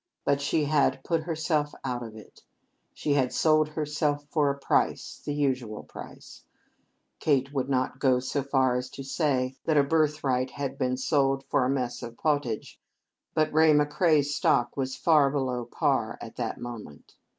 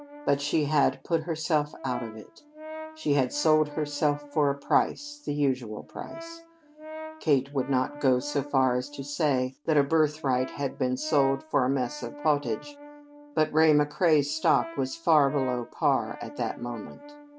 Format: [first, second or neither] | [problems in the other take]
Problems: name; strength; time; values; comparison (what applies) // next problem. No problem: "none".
first | background sound (Brass instrument); 16 dB below the speech